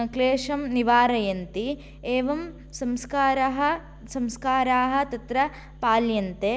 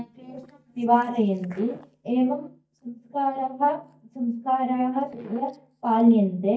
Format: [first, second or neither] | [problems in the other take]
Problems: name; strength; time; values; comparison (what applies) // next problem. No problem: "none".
first | noise reduction (neural mask model DeepFilterNet 3)